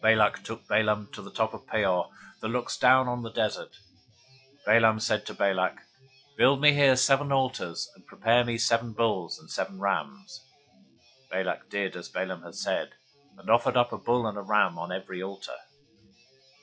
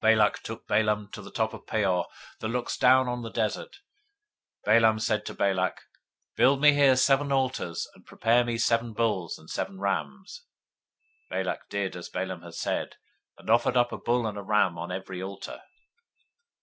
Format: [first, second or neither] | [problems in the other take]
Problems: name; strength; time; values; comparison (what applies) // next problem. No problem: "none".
second | noise reduction (classical method log-MMSE)